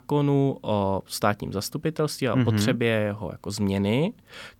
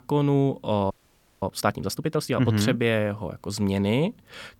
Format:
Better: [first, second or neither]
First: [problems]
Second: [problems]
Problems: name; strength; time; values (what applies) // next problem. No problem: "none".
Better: first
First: none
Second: audio freezing; at 1 s for 0.5 s